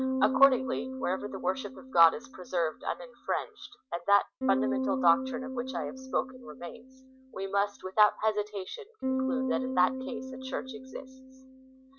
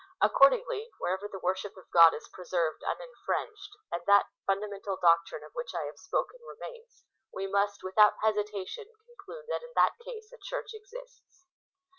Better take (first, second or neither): second